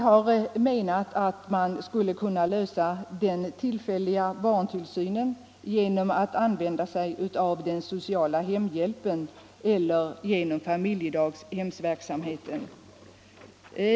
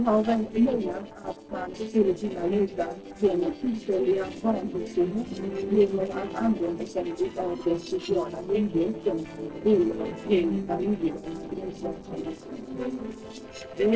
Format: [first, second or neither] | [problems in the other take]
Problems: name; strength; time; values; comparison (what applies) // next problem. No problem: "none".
first | noise reduction (neural separator model SepFormer DNS4)